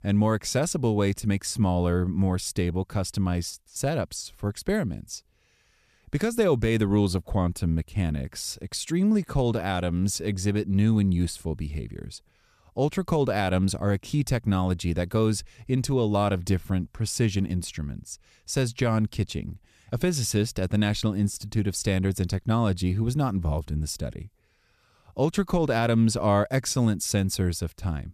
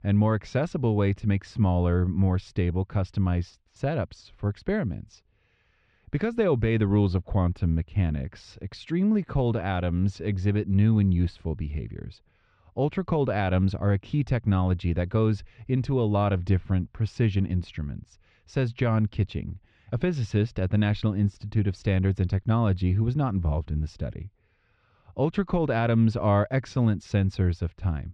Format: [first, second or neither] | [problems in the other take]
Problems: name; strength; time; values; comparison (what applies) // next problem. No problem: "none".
first | muffled; slightly; fading above 3 kHz